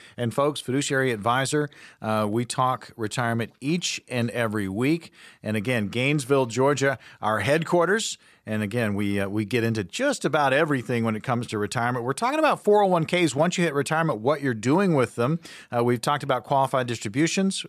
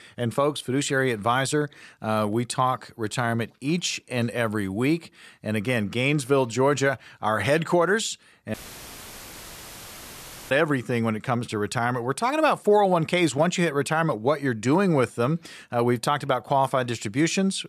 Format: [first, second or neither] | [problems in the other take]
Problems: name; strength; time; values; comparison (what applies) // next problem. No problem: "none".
first | audio cutting out; filled with static; at 8.5 s for 2 s